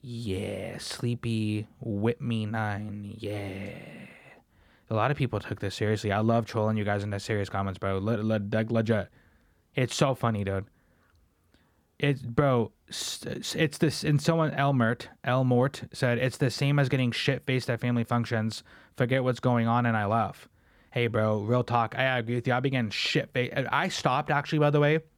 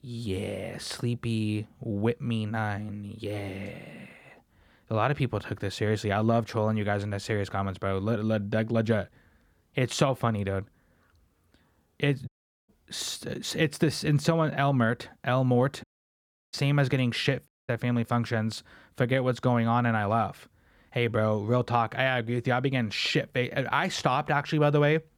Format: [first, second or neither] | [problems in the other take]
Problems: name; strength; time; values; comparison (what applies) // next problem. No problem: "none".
first | audio cutting out; at 12 s, at 16 s for 0.5 s and at 17 s